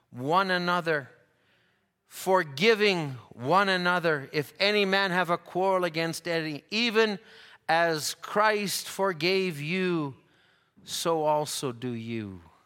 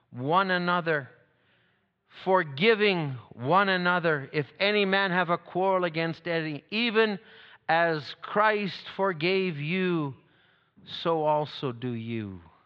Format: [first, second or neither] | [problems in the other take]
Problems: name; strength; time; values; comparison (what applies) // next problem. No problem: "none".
first | muffled; slightly; fading above 3.5 kHz